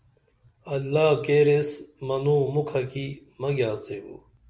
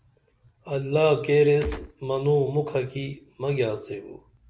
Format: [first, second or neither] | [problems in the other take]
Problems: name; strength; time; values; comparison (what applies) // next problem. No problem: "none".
first | background sound (Gunshot, gunfire); 8 dB below the speech